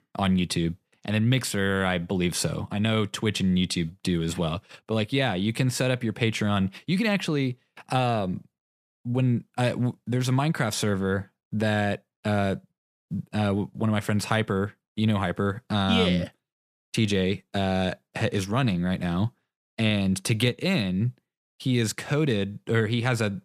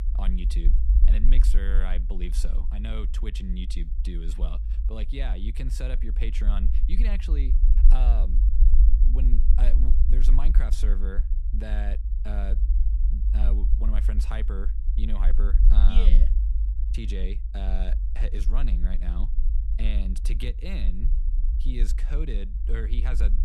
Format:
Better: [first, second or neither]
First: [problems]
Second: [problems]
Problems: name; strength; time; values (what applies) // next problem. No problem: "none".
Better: first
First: none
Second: low rumble; loud; throughout; 7 dB below the speech